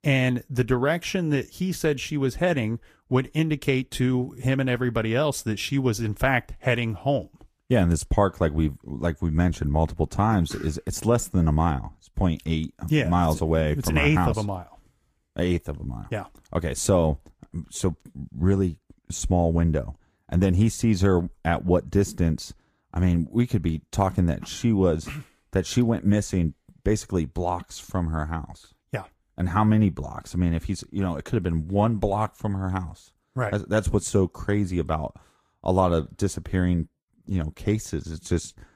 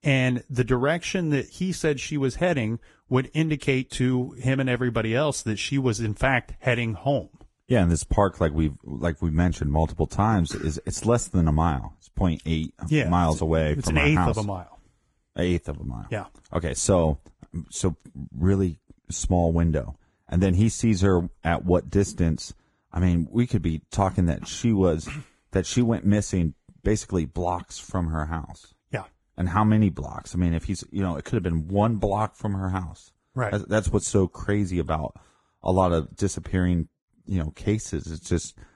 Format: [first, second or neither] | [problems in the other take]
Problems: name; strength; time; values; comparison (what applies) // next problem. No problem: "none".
first | garbled, watery; badly; nothing above 10 kHz; slightly in the first